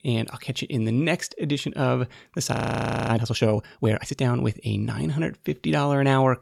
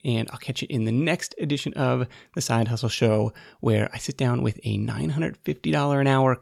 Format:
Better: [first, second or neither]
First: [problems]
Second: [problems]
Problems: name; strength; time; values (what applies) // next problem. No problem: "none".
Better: second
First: audio freezing; at 2.5 s for 0.5 s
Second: none